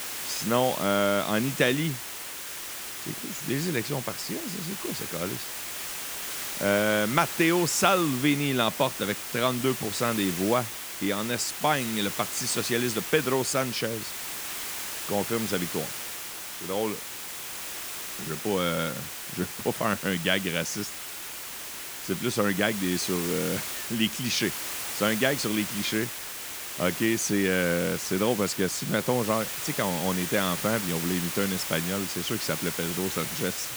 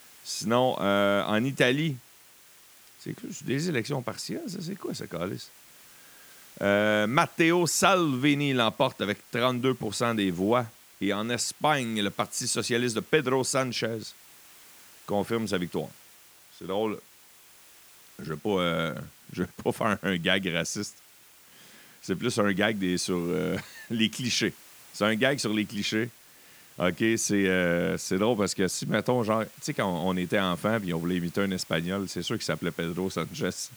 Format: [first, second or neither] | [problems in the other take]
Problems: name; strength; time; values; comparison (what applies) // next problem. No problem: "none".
second | hiss; loud; throughout; 5 dB below the speech; faint in the second